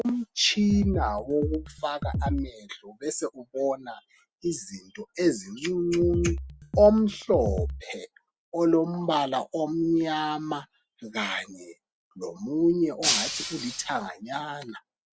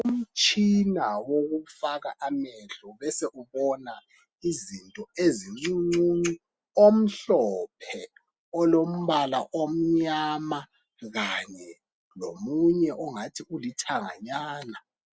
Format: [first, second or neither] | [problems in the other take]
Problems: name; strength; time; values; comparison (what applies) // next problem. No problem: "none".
second | background sound (Drum kit + Shatter); 3 dB below the speech